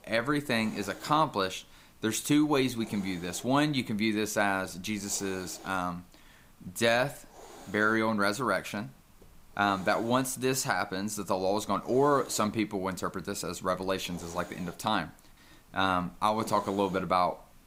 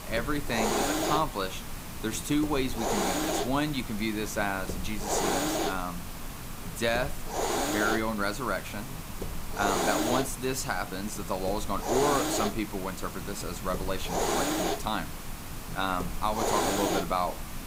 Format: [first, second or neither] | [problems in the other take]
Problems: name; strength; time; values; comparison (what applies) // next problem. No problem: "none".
first | hiss; loud; throughout; 1 dB below the speech; faint in the first